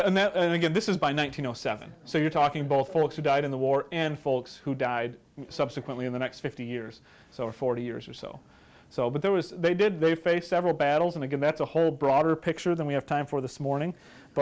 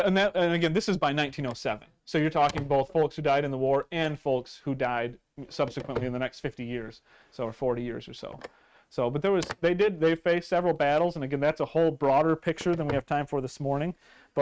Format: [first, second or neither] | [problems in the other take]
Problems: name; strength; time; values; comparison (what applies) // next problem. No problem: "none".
first | noise reduction (neural mask model RNNoise)